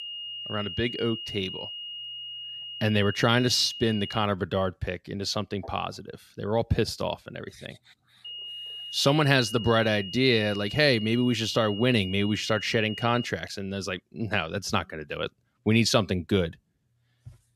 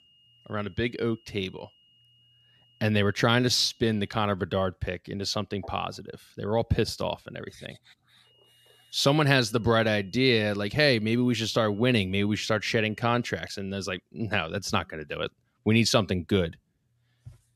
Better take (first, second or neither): second